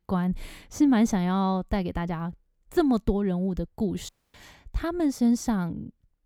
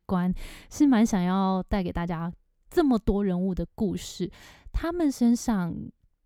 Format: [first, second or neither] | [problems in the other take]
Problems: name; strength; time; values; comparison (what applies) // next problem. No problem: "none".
second | audio cutting out; at 4 s